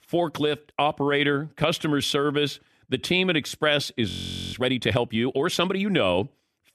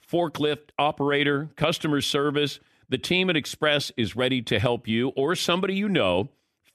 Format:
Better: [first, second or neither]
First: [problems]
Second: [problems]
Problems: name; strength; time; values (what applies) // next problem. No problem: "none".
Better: second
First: audio freezing; at 4 s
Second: none